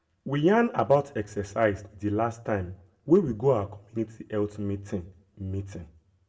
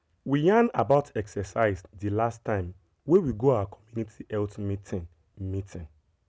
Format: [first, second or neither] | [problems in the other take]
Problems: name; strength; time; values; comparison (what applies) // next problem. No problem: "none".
second | room echo; dies away in 0.4 s